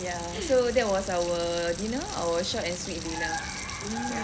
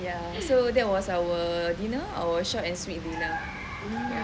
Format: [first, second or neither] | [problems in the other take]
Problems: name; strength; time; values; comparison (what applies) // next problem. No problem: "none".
second | background sound (Sink (filling or washing) / Water tap, faucet); 12 dB below the speech